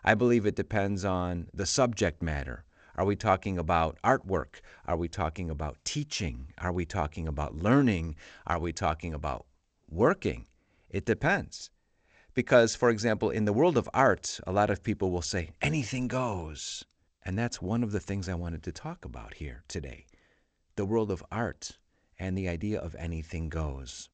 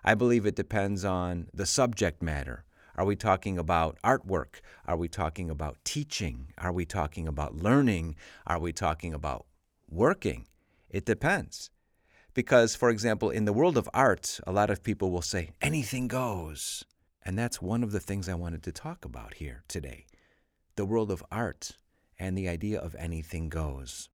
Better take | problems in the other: second | garbled, watery; slightly; nothing above 7.5 kHz

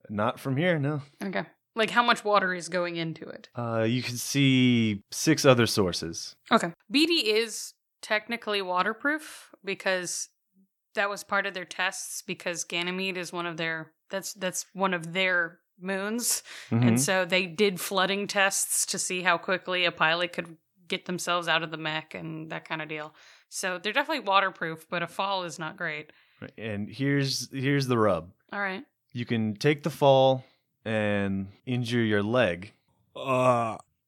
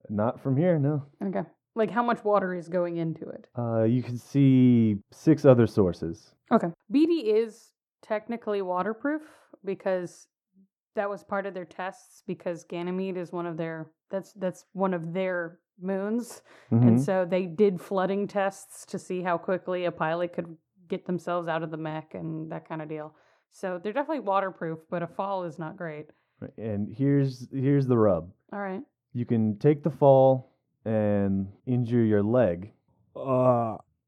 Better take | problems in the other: first | muffled; very; fading above 1.5 kHz

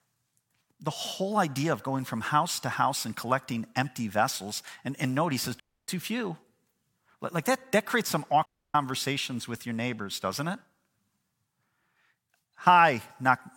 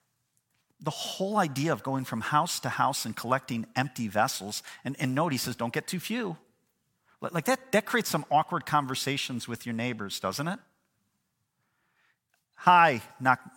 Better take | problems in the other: second | audio cutting out; at 5.5 s and at 8.5 s

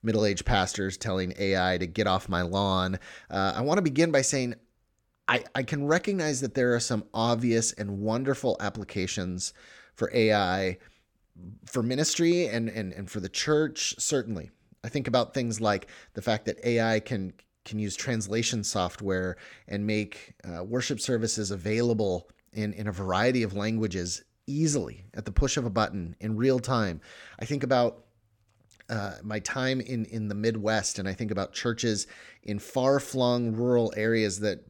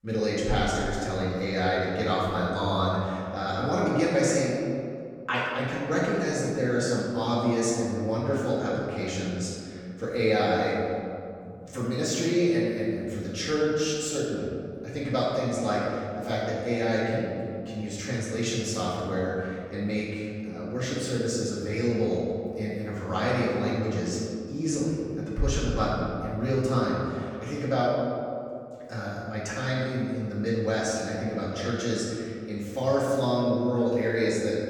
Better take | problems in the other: first | room echo; strong; dies away in 2.2 s // off-mic speech; far

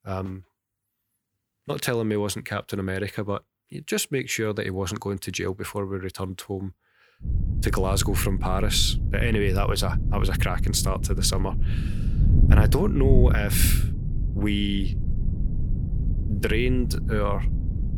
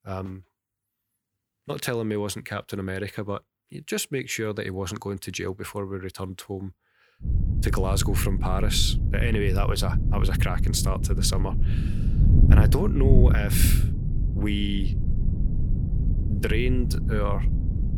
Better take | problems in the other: first | wind noise on the microphone; heavy; from 7.5 s on; 8 dB below the speech; occasional gusts in the first

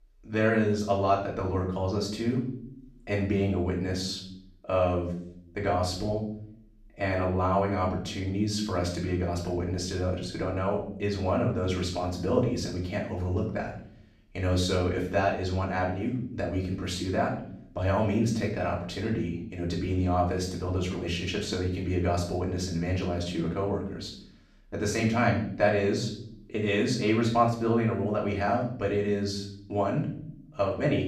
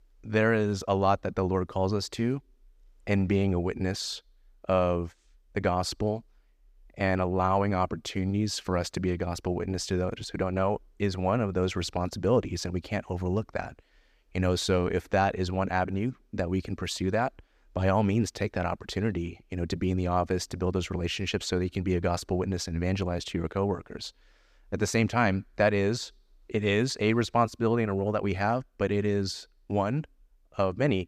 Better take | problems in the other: second | room echo; noticeable; dies away in 0.5 s // off-mic speech; far

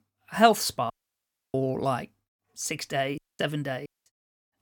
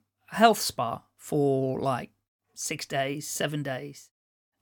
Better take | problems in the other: second | audio cutting out; at 1 s for 0.5 s, at 3 s and at 4 s

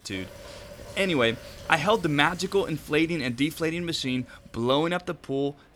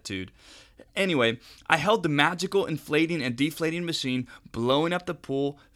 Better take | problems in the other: second | rain or running water; noticeable; throughout; 20 dB below the speech

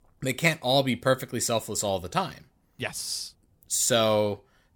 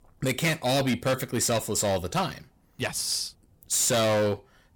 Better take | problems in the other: first | distortion; heavy; 13% of the sound clipped

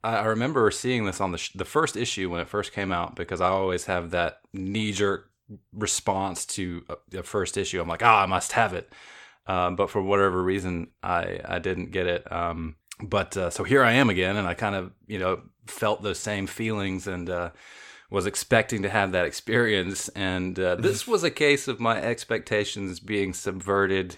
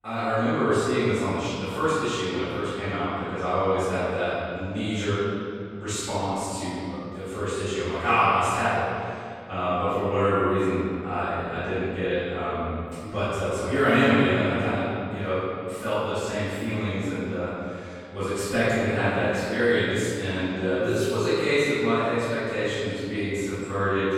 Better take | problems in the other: first | room echo; strong; dies away in 2.3 s // off-mic speech; far

